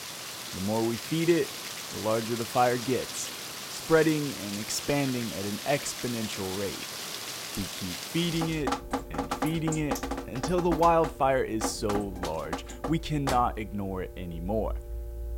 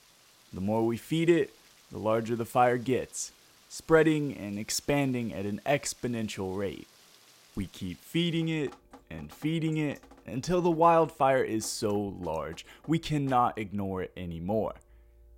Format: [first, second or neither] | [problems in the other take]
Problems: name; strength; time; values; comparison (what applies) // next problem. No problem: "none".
second | rain or running water; loud; throughout; 6 dB below the speech; faint in the second